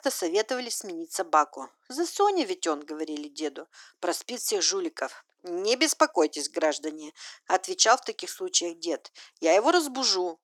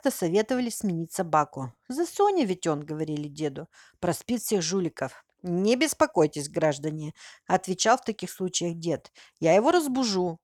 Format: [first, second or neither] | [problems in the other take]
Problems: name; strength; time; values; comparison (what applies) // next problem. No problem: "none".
second | thin; somewhat; fading below 300 Hz